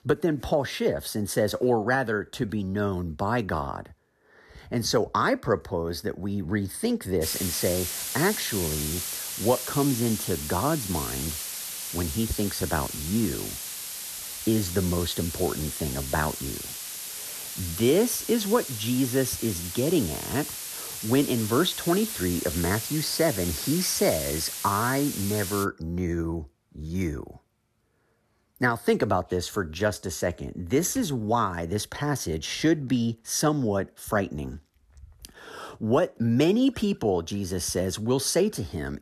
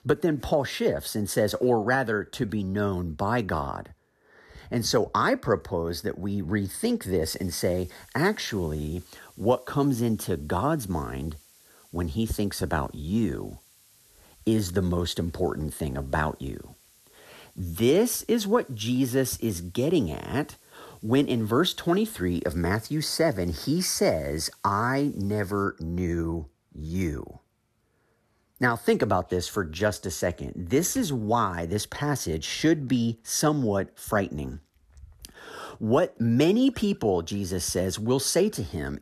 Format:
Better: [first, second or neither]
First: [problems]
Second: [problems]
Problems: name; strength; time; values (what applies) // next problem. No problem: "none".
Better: second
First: hiss; loud; from 7 to 26 s; 5 dB below the speech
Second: hiss; faint; from 7 to 26 s; 30 dB below the speech